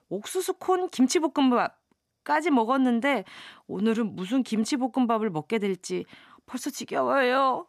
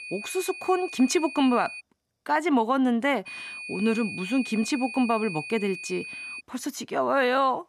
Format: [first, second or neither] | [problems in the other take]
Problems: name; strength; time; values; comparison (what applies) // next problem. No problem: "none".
first | high-pitched whine; loud; until 2 s and from 3.5 to 6.5 s; 2.5 kHz, 10 dB below the speech